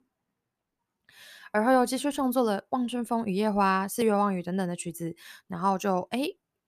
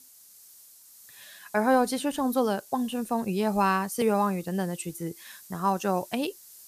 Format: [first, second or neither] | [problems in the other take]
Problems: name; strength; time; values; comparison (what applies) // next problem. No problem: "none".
first | hiss; faint; throughout; 20 dB below the speech